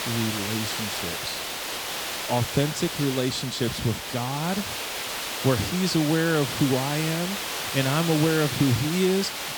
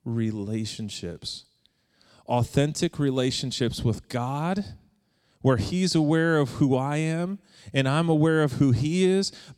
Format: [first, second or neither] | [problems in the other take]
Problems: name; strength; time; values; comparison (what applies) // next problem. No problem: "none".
second | hiss; loud; throughout; 3 dB below the speech